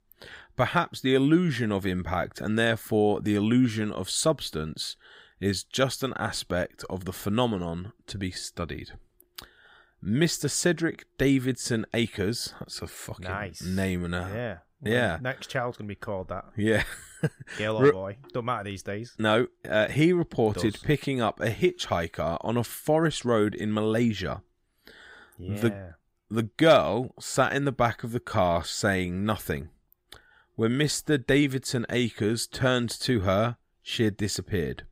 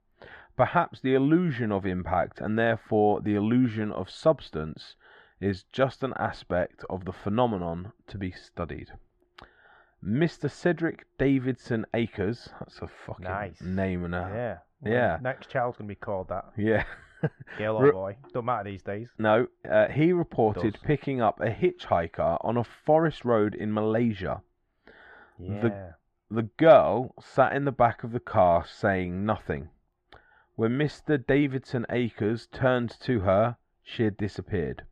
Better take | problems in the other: first | muffled; very; fading above 2 kHz

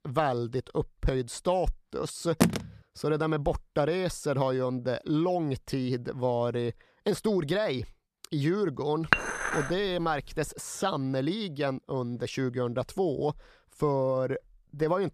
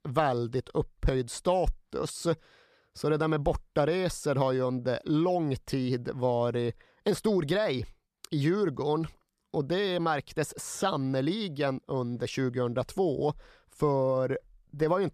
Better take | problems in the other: second | phone ringing; loud; at 2.5 s; peak 3 dB above the speech // clattering dishes; loud; at 9 s; peak 4 dB above the speech

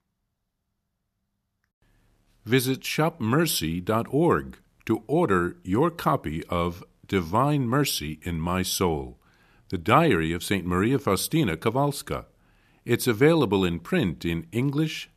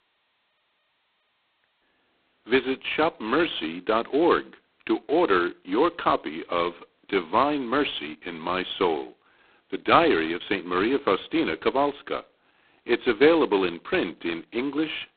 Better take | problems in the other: first | phone-call audio; poor line; nothing above 4 kHz

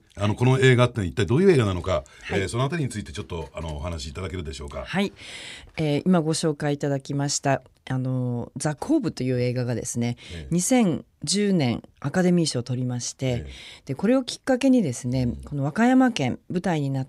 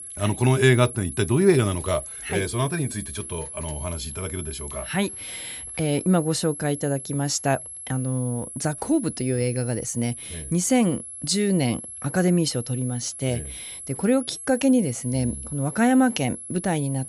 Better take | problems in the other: first | high-pitched whine; noticeable; throughout; 11 kHz, 10 dB below the speech

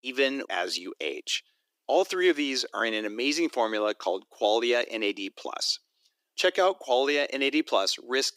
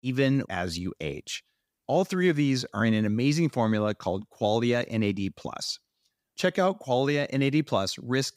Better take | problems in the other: second | thin; somewhat; fading below 300 Hz

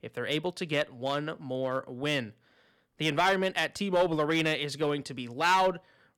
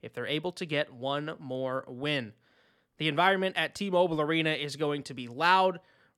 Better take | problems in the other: second | distortion; slight; 3% of the sound clipped

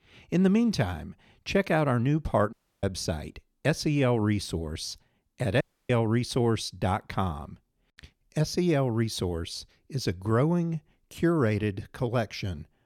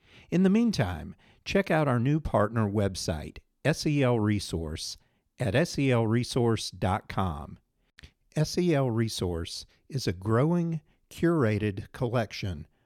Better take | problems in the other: second | audio cutting out; at 2.5 s and at 5.5 s

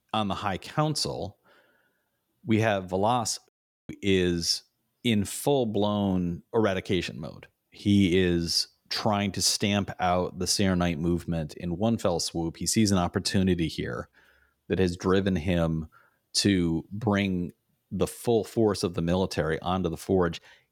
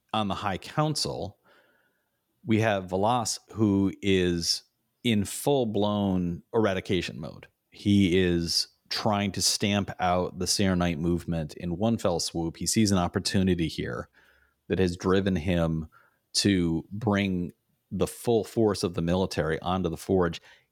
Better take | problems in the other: second | audio cutting out; at 3.5 s

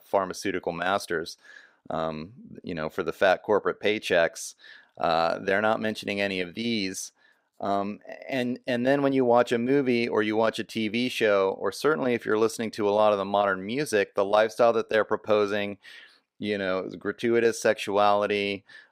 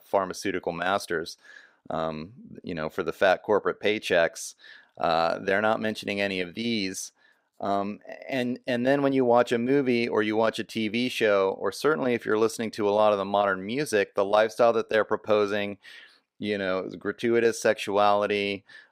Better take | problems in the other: neither | none

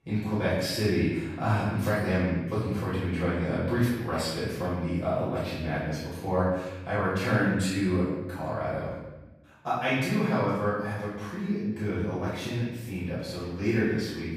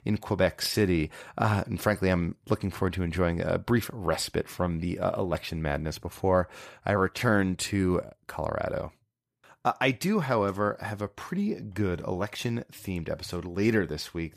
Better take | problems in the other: second | off-mic speech; far // room echo; strong; dies away in 1 s

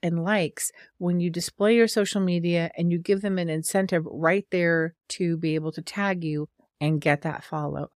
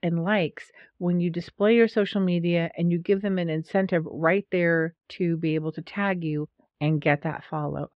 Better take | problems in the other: first | muffled; slightly; fading above 3 kHz

